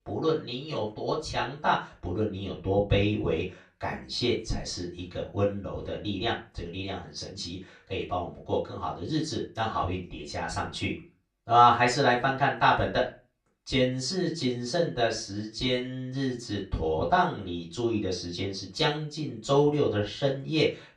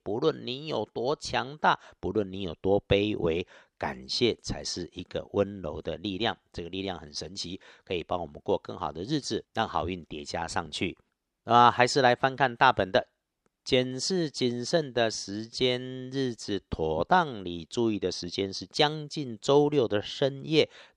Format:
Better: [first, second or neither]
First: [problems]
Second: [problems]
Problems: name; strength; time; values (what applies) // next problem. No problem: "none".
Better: second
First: room echo; slight; dies away in 0.3 s // off-mic speech; far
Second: none